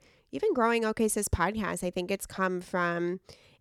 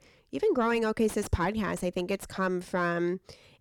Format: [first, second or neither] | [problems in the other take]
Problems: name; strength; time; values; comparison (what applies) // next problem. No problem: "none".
first | distortion; slight; 10 dB below the speech